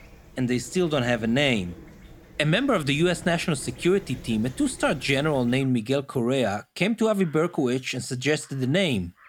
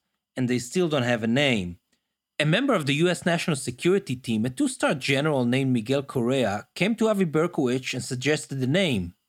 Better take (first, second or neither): second